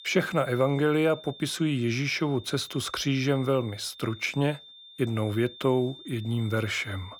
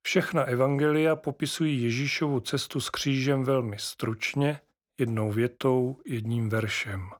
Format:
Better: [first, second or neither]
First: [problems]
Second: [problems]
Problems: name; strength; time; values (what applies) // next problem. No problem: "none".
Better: second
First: high-pitched whine; noticeable; throughout; 3.5 kHz, 20 dB below the speech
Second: none